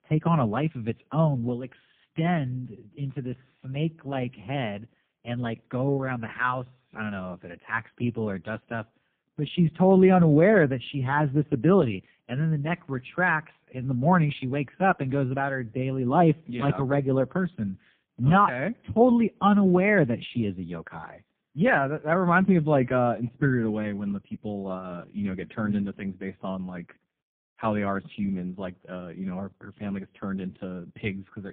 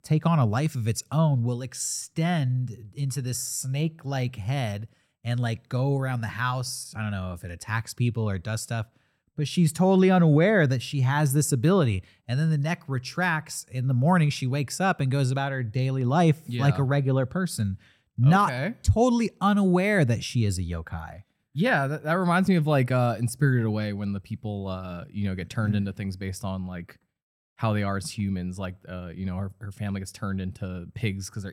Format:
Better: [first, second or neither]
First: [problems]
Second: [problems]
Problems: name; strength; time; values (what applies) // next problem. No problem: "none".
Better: second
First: phone-call audio; poor line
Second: none